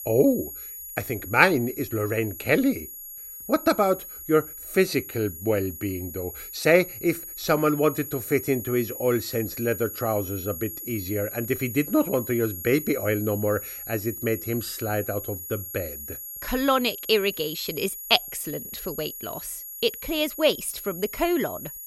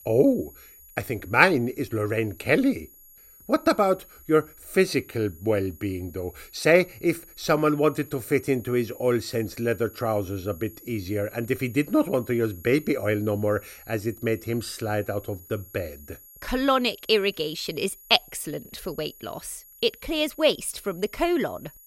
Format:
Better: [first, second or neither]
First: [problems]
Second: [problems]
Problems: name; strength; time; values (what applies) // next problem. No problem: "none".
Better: second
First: high-pitched whine; loud; throughout; 11.5 kHz, 9 dB below the speech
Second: high-pitched whine; faint; throughout; 11.5 kHz, 20 dB below the speech